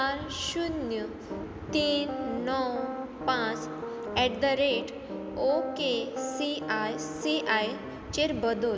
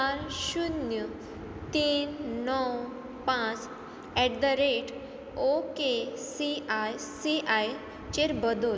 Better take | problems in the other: second | background sound (Piano); 7 dB below the speech

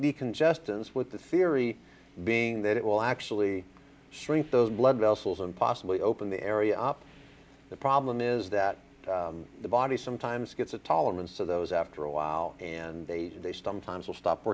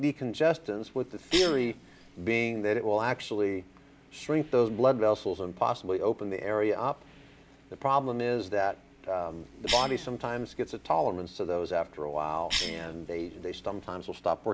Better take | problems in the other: first | background sound (Cough); 10 dB below the speech

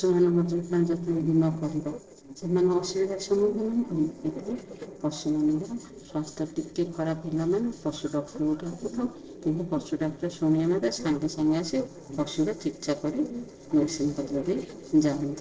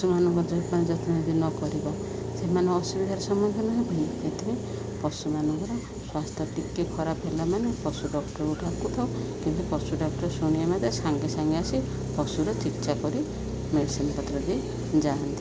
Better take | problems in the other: second | noise reduction (neural separator model SepFormer DNS4)

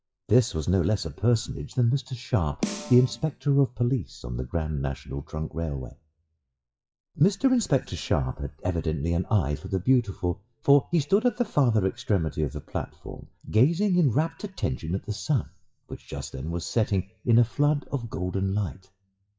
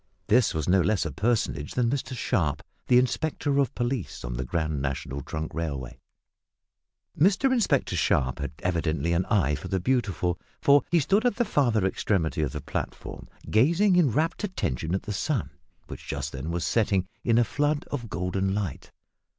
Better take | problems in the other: second | noise reduction (classical method WPE with log-MMSE)

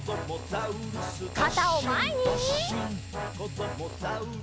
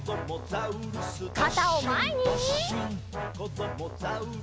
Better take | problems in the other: second | background sound (Drill); 19 dB below the speech

